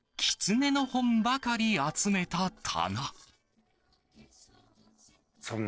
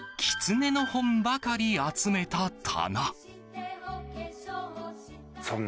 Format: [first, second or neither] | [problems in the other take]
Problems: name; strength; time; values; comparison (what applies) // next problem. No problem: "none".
second | noise reduction (neural separator model SepFormer DNS4)